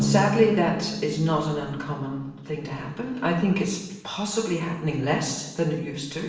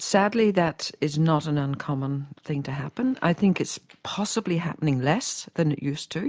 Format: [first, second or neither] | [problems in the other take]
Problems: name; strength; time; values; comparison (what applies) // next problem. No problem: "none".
second | background sound (Drum); 7 dB below the speech // room echo; dies away in 0.9 s